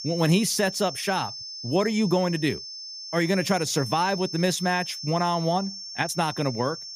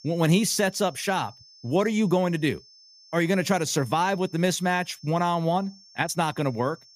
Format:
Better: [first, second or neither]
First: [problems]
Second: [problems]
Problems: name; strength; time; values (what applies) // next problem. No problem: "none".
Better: second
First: high-pitched whine; loud; throughout; 5.5 kHz, 9 dB below the speech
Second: high-pitched whine; faint; throughout; 5.5 kHz, 25 dB below the speech